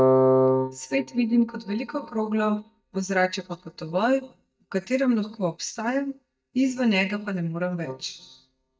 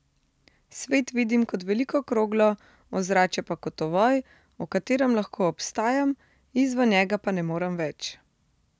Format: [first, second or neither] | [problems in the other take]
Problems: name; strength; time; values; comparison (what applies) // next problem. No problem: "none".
second | noise reduction (neural mask model DeepFilterNet 3)